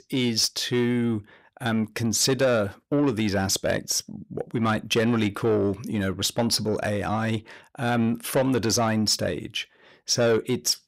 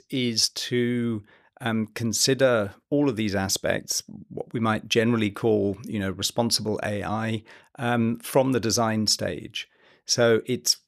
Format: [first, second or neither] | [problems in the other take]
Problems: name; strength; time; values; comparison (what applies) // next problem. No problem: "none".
second | distortion; slight; 10 dB below the speech